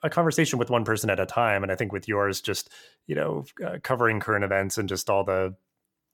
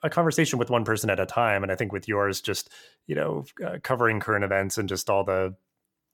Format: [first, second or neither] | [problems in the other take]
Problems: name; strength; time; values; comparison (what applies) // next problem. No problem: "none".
neither | none